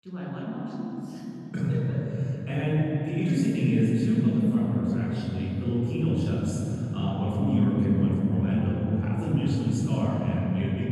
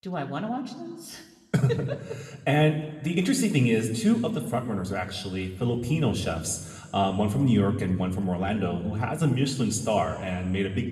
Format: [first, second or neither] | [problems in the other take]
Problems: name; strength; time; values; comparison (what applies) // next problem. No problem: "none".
second | room echo; strong; dies away in 3 s; slight in the second // off-mic speech; far